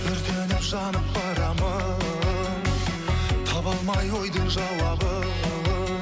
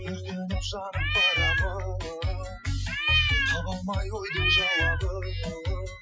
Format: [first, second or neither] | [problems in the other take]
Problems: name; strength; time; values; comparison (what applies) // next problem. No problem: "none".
first | noise reduction (classical method Wiener filter)